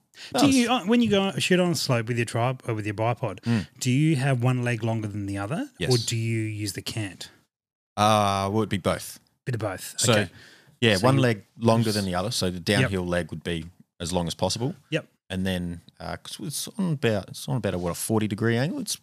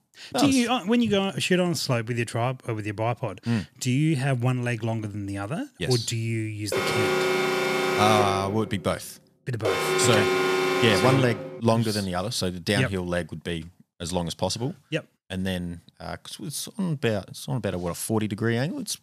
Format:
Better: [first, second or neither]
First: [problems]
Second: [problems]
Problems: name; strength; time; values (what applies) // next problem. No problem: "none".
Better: first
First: none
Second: alarm; loud; from 6.5 to 12 s; peak 4 dB above the speech